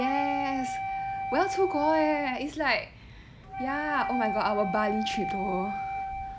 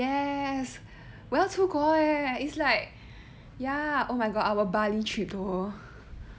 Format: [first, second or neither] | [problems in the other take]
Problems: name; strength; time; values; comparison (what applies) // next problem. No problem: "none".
second | background sound (Wind instrument, woodwind instrument); 4 dB below the speech